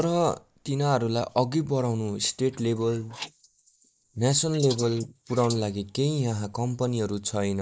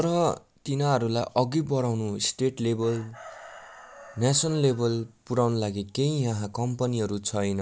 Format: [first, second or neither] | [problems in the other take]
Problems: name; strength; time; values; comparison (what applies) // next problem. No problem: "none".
second | noise reduction (neural mask model Resemble Enhance denoiser)